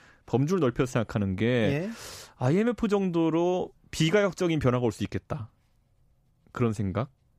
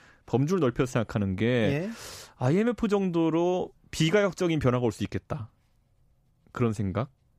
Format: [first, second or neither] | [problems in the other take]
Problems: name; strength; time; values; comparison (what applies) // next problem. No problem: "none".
neither | none